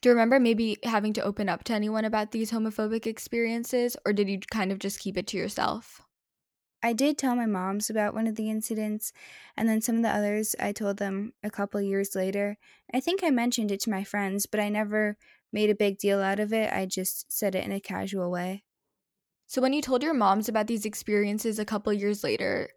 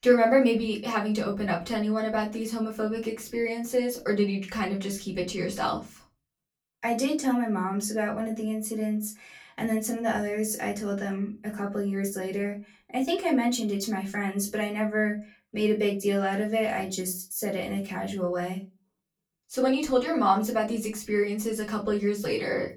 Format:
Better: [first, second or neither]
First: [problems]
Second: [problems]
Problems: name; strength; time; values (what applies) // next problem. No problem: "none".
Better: first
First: none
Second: off-mic speech; far // room echo; very slight; dies away in 0.3 s